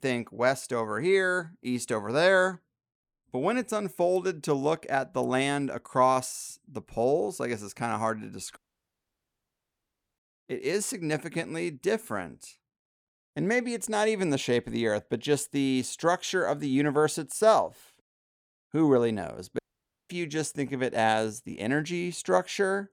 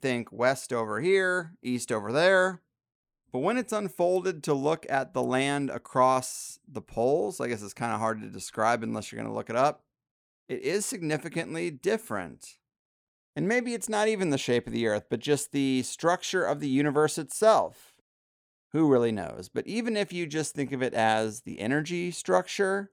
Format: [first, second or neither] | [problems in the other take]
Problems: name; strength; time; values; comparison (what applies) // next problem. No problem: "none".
second | audio cutting out; at 8.5 s for 1.5 s and at 20 s for 0.5 s